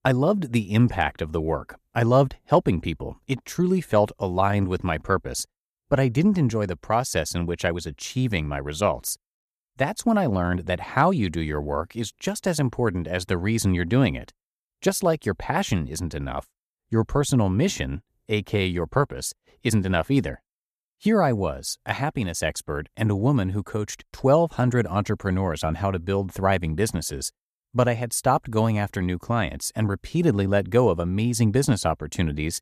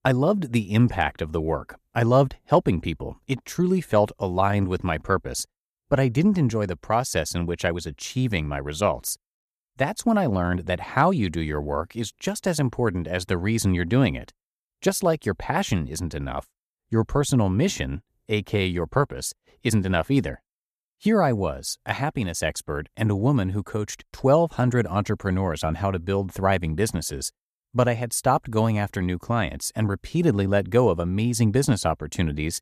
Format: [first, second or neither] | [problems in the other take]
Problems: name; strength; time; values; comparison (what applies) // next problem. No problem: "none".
neither | none